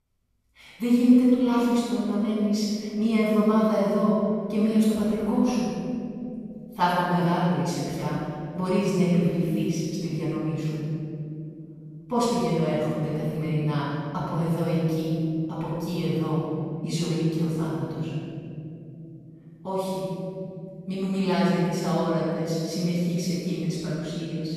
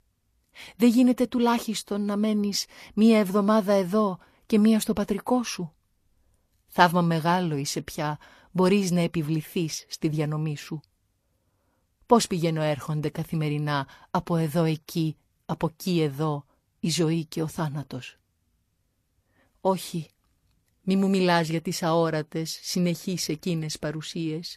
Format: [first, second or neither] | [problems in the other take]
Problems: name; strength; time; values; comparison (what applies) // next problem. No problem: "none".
second | room echo; strong; dies away in 3 s // off-mic speech; far